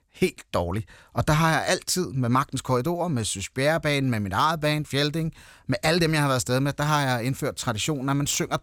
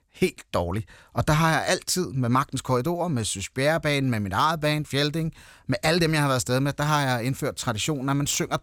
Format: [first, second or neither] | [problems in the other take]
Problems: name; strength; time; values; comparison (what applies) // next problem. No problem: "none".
neither | none